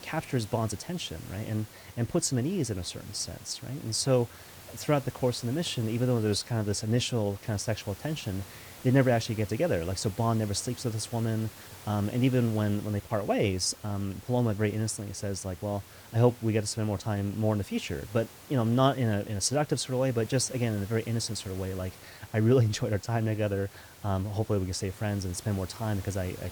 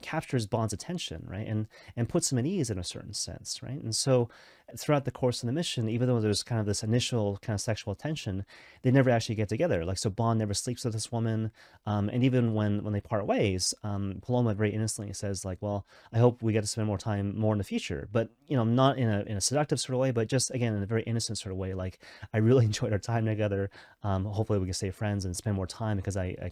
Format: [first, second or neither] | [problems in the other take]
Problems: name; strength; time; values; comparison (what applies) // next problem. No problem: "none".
second | hiss; noticeable; throughout; 20 dB below the speech